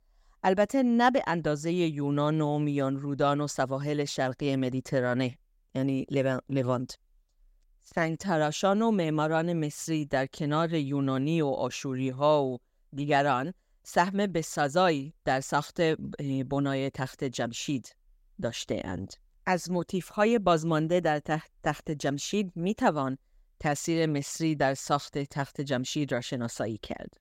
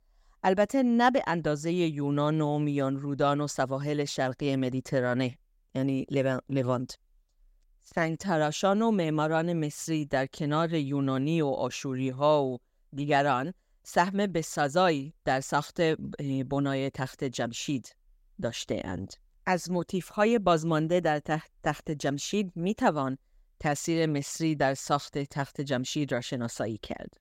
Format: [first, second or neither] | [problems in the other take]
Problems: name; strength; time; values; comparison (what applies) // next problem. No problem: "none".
neither | none